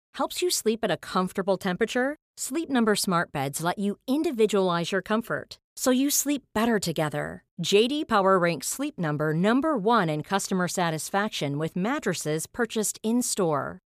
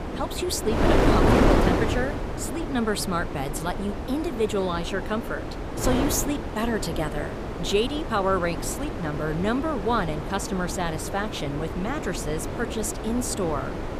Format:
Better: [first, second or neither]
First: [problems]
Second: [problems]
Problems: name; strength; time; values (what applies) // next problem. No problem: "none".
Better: first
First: none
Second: wind noise on the microphone; heavy; 1 dB below the speech